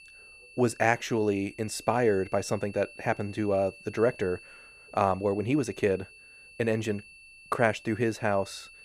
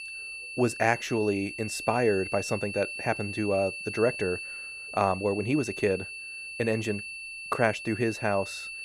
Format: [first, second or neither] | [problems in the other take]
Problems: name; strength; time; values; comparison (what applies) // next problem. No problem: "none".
first | high-pitched whine; loud; throughout; 2.5 kHz, 8 dB below the speech; faint in the first